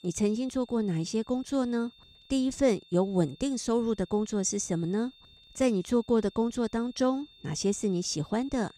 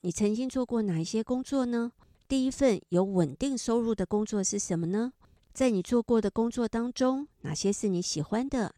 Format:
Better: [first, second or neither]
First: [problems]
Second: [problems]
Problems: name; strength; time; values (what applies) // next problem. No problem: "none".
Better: second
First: high-pitched whine; faint; throughout; 3.5 kHz, 25 dB below the speech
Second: none